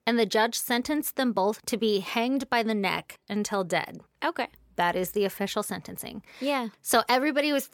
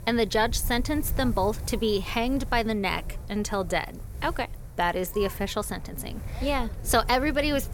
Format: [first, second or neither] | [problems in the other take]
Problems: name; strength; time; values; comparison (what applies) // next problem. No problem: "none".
first | wind noise on the microphone; occasional gusts; 20 dB below the speech